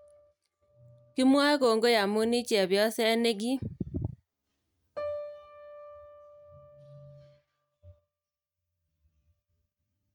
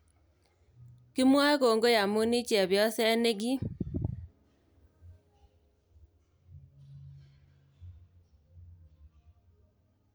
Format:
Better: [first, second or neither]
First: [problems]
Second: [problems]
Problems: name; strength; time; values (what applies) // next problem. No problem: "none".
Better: second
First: noise reduction (neural mask model RNNoise)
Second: none